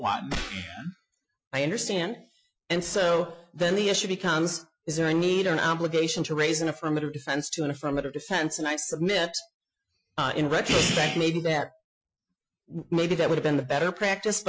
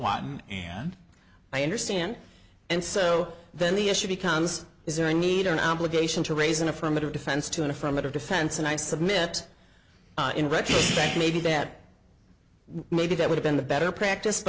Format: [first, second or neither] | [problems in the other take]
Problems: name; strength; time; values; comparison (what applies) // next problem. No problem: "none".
second | noise reduction (classical method Wiener filter)